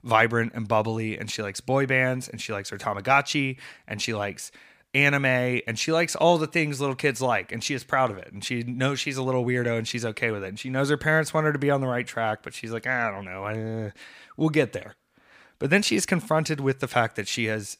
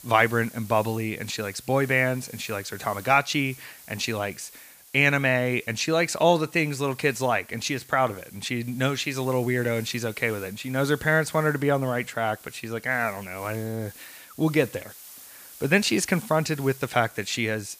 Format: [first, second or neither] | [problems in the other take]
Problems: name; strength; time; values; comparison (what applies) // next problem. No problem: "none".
first | hiss; noticeable; throughout; 20 dB below the speech